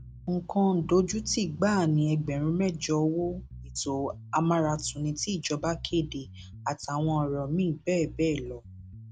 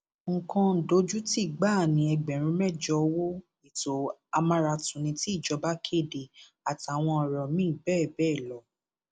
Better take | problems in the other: second | background sound (Bass guitar); 17 dB below the speech

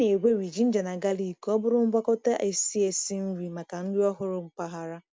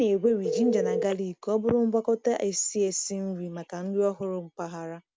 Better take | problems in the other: first | background sound (Telephone); 9 dB below the speech

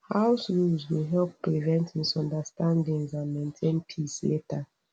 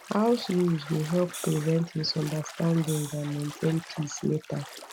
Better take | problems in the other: first | background sound (Bathtub (filling or washing) + Hi-hat); 15 dB below the speech

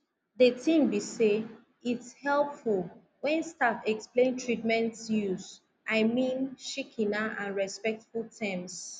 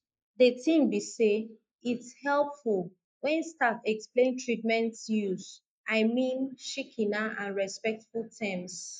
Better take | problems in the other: first | noise reduction (neural mask model Resemble Enhance denoiser)

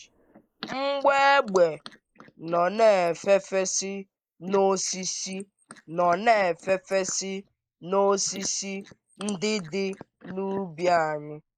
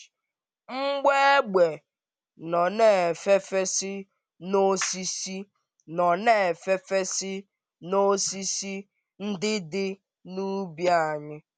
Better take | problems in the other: second | noise reduction (neural mask model Resemble Enhance denoiser)

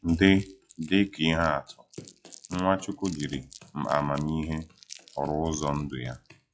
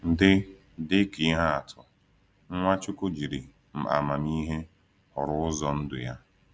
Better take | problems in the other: second | noise reduction (classical method log-MMSE)

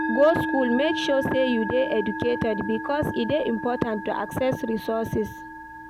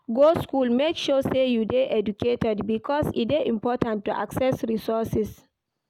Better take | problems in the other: second | background sound (Musical instrument); 7 dB below the speech

